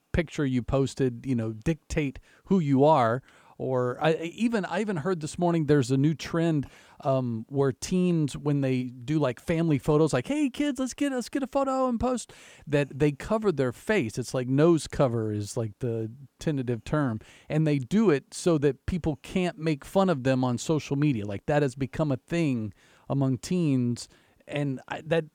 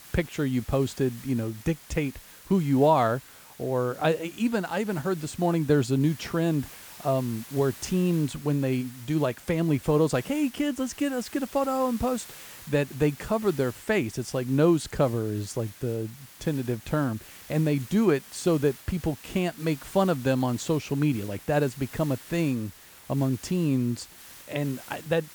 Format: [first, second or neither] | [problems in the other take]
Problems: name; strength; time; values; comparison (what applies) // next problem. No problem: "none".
first | hiss; noticeable; throughout; 20 dB below the speech